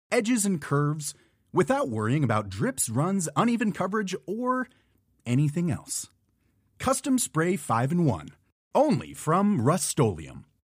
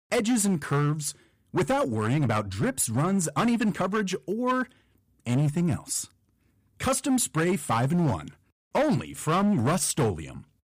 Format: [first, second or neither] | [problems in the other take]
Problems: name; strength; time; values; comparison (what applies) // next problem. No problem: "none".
first | distortion; slight; 11% of the sound clipped